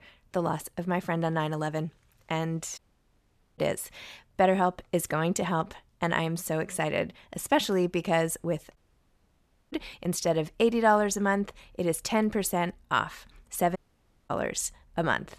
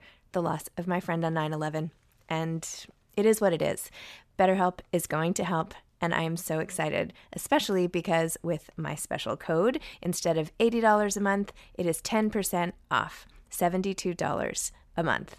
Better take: second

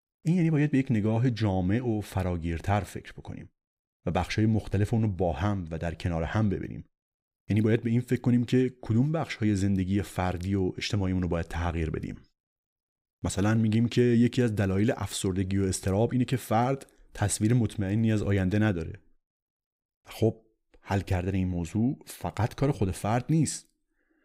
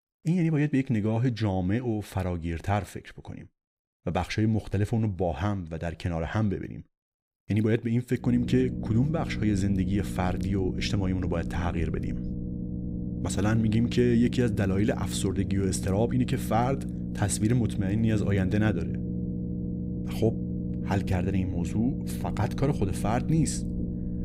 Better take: first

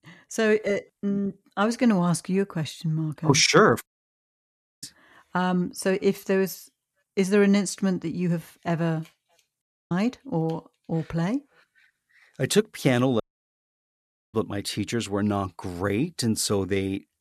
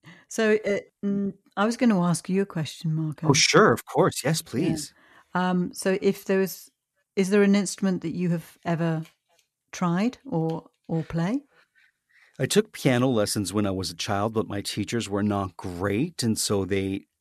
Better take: second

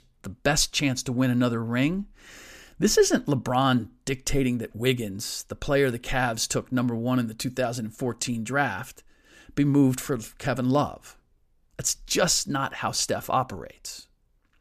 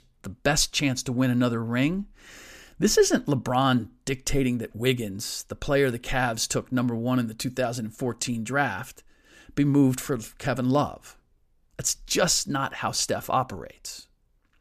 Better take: neither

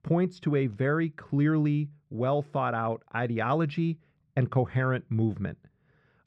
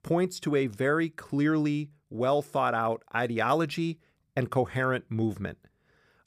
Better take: second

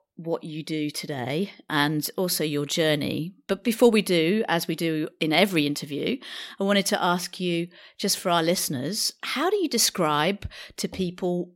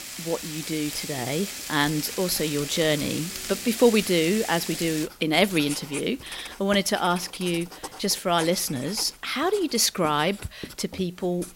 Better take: first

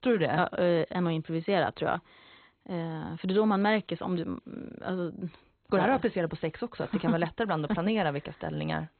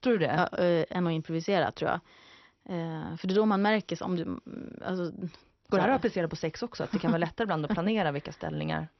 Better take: second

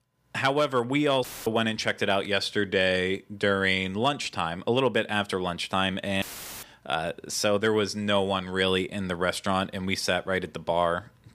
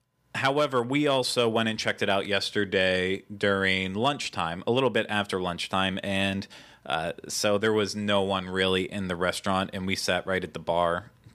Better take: second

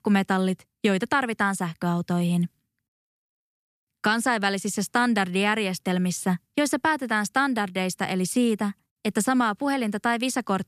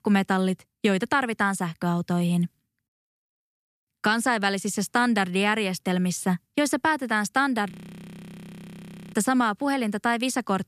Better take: first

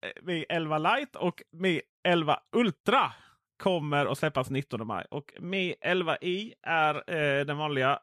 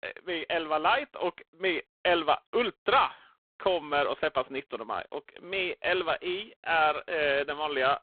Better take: first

